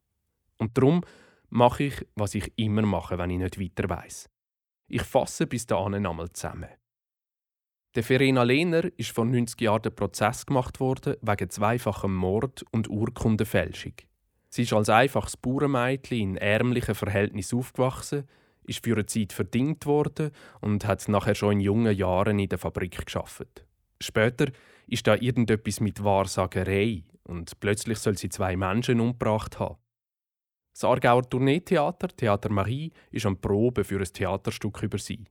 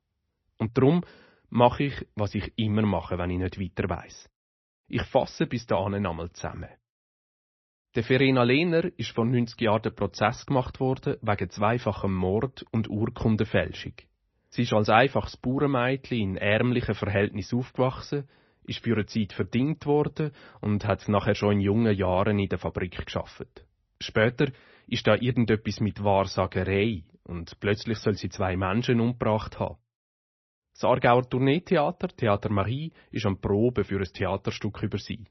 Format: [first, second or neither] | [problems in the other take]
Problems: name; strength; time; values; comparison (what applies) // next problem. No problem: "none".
first | garbled, watery; slightly; nothing above 6 kHz